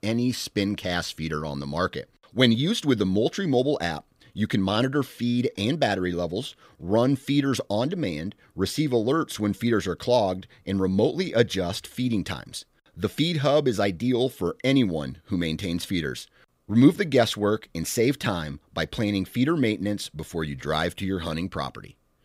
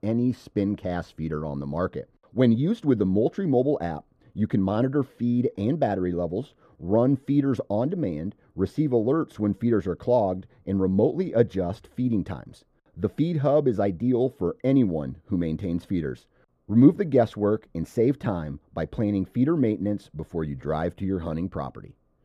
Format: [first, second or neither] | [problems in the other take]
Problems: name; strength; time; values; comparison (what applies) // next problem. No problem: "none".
first | muffled; very; fading above 1.5 kHz